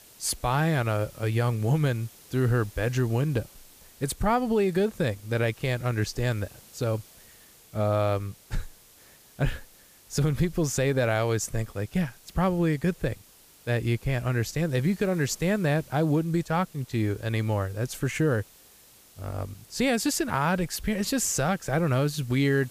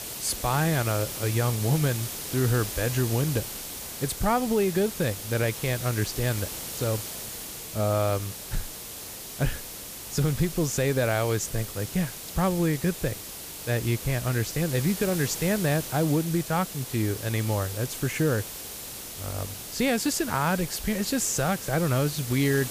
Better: first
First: hiss; faint; throughout; 25 dB below the speech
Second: hiss; loud; throughout; 7 dB below the speech

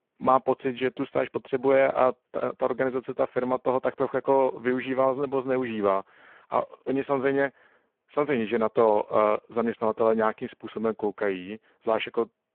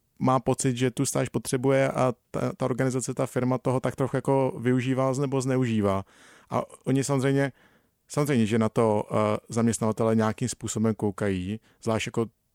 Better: second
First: phone-call audio; poor line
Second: none

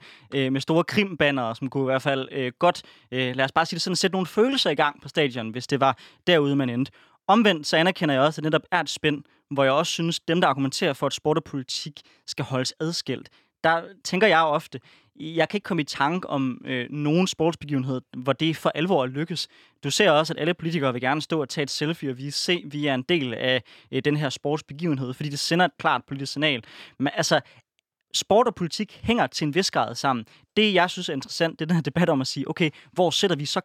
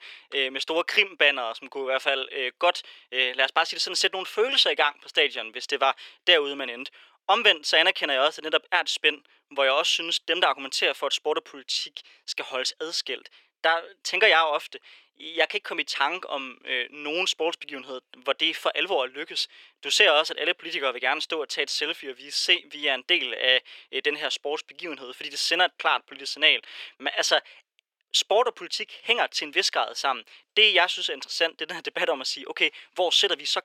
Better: first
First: none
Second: thin; very; fading below 400 Hz

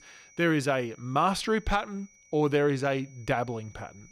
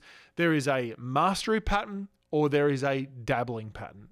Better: second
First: high-pitched whine; faint; throughout; 6 kHz, 30 dB below the speech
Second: none

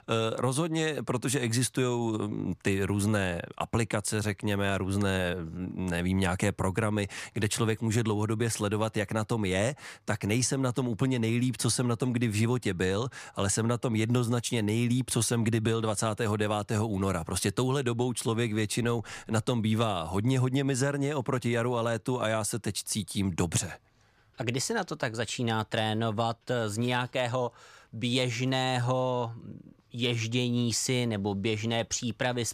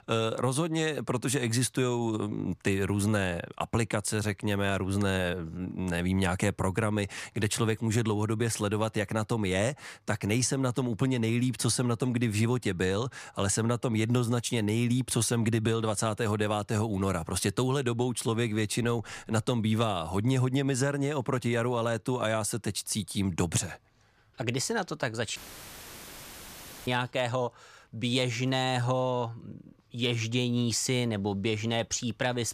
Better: first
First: none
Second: audio cutting out; filled with static; at 25 s for 1.5 s

